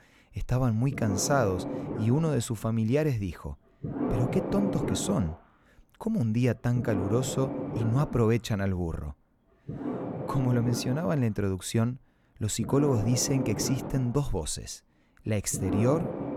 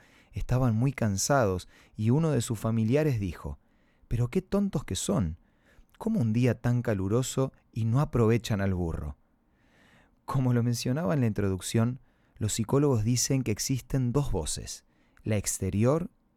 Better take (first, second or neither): second